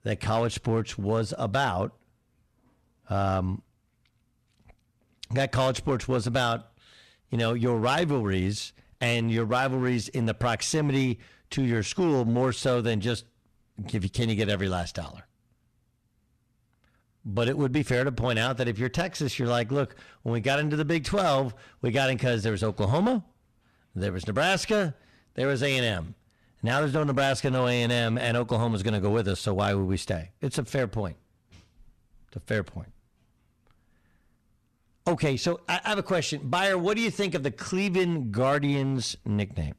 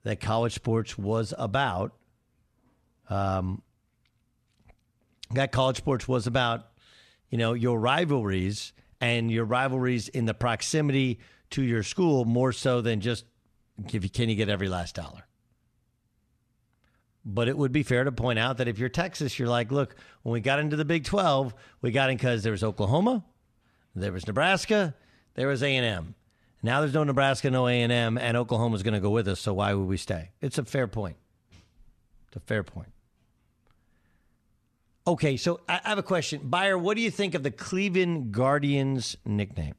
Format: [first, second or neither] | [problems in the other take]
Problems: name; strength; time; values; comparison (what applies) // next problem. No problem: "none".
second | distortion; slight; 5% of the sound clipped